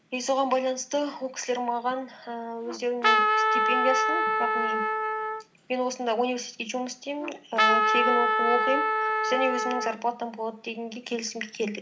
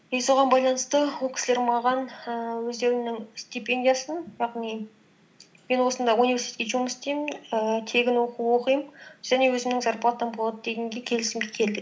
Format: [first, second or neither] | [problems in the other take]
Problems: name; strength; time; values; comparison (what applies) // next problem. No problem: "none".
second | background sound (Trumpet); 5 dB above the speech